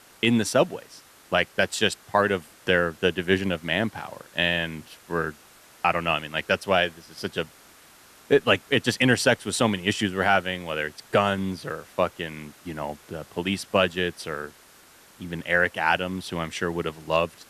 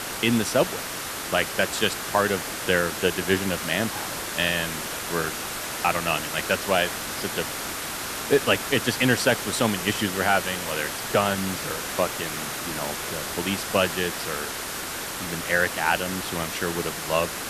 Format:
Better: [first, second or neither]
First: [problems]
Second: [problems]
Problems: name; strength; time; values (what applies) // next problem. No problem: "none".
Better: first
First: hiss; faint; throughout; 25 dB below the speech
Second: hiss; loud; throughout; 4 dB below the speech